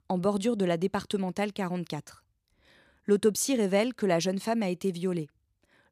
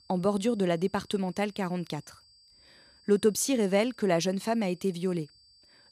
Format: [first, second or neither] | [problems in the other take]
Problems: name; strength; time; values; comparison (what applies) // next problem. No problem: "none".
first | high-pitched whine; faint; throughout; 4.5 kHz, 30 dB below the speech